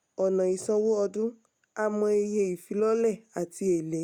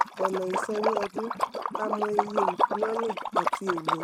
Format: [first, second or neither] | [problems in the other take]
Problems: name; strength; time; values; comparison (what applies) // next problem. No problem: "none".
first | noise reduction (neural mask model RNNoise)